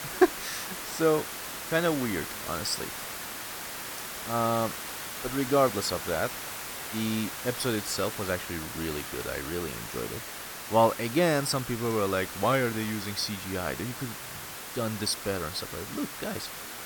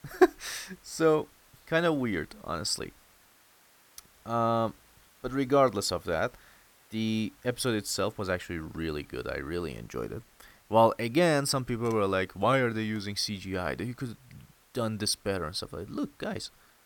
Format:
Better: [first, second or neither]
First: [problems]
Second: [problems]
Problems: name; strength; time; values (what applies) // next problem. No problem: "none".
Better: second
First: hiss; loud; throughout; 6 dB below the speech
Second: hiss; faint; throughout; 30 dB below the speech